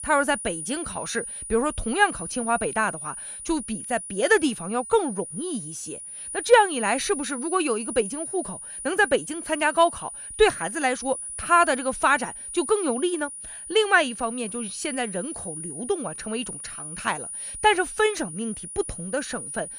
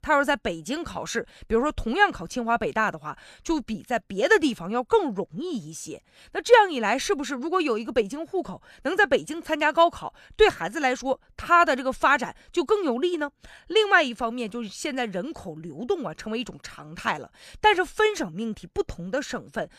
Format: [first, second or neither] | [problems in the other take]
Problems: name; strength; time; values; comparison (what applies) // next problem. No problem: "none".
second | high-pitched whine; loud; throughout; 9.5 kHz, 8 dB below the speech